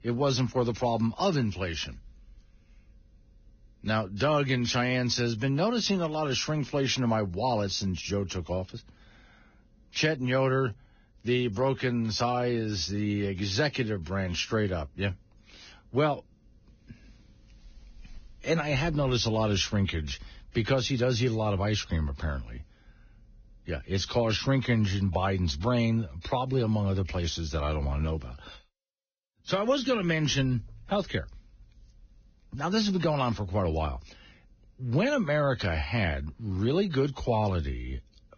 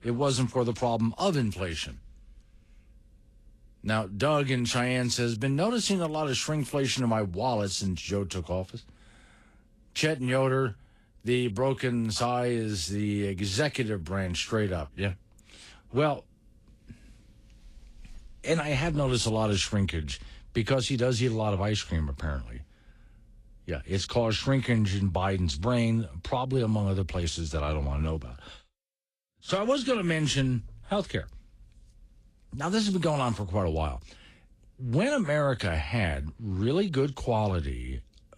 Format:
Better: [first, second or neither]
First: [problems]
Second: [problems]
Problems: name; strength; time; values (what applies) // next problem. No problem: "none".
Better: second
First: garbled, watery; badly; nothing above 6.5 kHz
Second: garbled, watery; slightly; nothing above 12.5 kHz